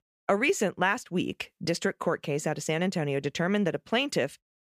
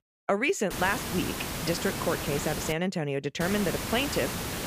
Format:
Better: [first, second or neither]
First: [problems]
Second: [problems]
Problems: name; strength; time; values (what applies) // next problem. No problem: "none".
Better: first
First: none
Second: hiss; loud; from 0.5 to 2.5 s and from 3.5 s on; 4 dB below the speech